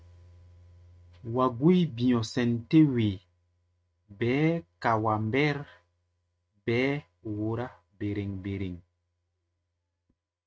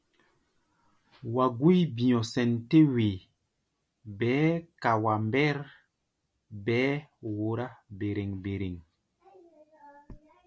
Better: second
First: noise reduction (neural mask model RNNoise)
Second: none

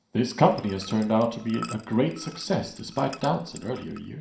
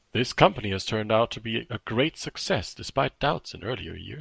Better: second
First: background sound (Liquid); 18 dB below the speech // room echo; dies away in 0.4 s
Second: none

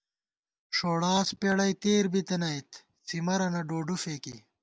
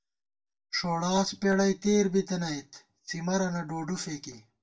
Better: first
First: none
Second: room echo; dies away in 0.2 s

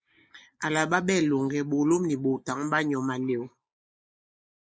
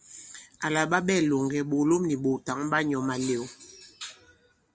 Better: second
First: noise reduction (neural mask model Resemble Enhance denoiser)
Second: none

